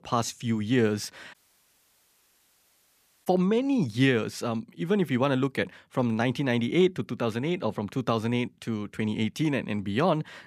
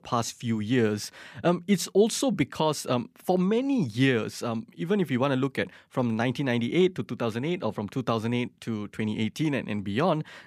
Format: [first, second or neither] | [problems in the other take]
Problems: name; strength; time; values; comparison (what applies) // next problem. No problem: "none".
second | audio cutting out; at 1.5 s for 2 s